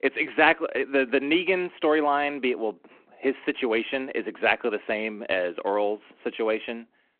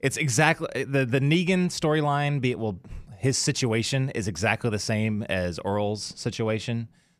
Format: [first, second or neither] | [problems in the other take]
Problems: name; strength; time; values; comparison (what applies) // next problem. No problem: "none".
second | phone-call audio